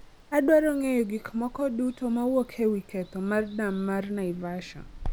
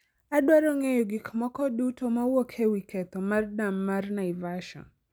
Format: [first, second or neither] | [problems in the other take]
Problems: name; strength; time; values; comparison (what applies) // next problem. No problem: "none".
second | background sound (Water); 15 dB below the speech